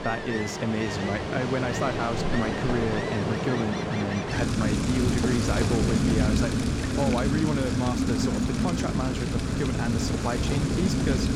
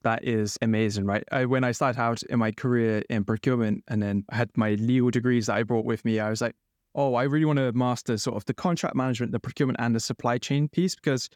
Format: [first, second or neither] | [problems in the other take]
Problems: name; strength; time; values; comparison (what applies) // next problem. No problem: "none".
second | rain or running water; very loud; throughout; 2 dB above the speech